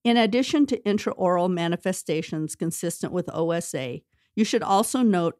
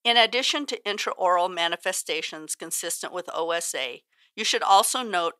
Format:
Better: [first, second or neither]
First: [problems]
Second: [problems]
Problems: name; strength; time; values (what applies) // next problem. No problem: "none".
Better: first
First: none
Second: thin; very; fading below 850 Hz